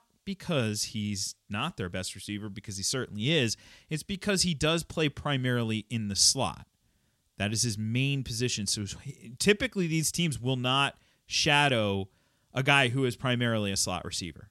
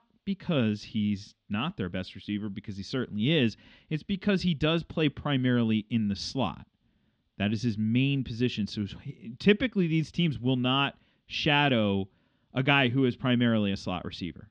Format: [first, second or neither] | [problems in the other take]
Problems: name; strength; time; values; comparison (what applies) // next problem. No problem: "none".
first | muffled; slightly; fading above 3.5 kHz